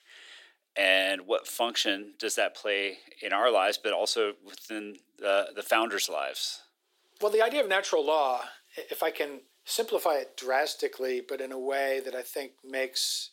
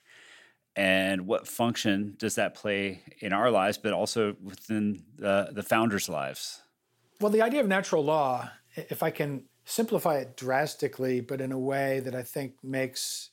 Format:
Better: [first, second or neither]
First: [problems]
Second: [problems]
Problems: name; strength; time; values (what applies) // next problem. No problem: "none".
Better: second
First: thin; somewhat; fading below 350 Hz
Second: none